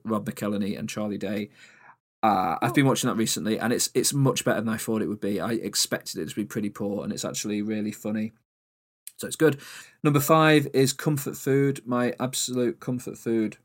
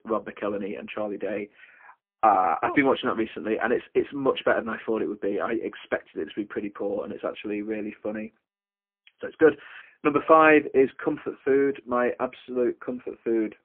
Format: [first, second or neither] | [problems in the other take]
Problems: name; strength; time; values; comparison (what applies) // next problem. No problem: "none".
first | phone-call audio; poor line; nothing above 3.5 kHz